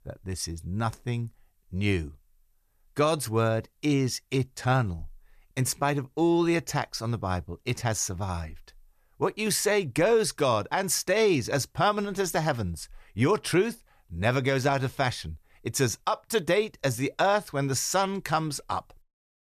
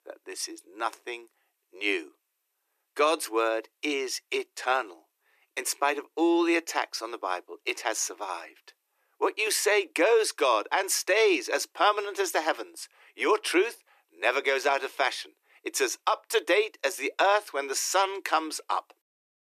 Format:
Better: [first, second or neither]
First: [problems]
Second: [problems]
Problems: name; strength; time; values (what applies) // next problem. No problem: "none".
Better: first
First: none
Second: thin; very; fading below 300 Hz